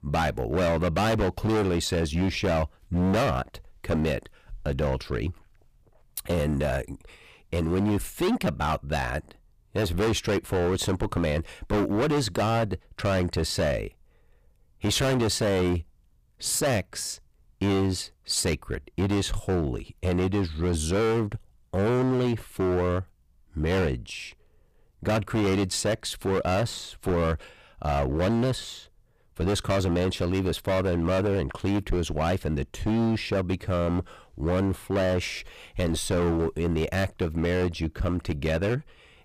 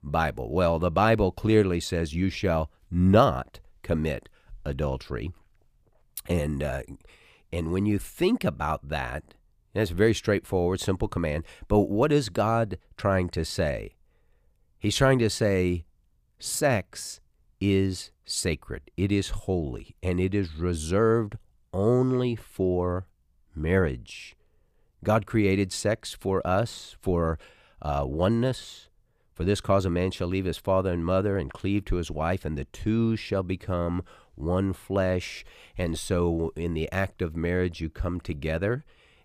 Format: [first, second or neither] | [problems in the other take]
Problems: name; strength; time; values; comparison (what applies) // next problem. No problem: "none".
second | distortion; heavy; 18% of the sound clipped